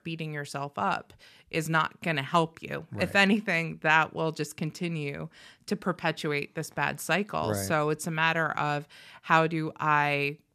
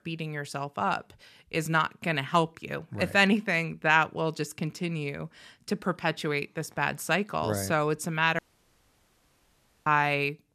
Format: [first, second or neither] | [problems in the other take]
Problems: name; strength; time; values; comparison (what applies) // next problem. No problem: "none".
first | audio cutting out; at 8.5 s for 1.5 s